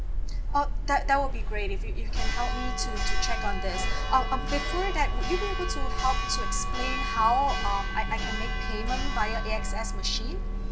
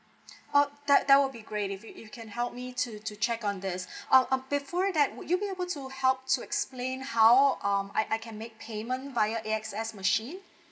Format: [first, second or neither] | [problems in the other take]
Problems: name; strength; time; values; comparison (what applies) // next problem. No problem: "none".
second | background sound (Church bell); 4 dB above the speech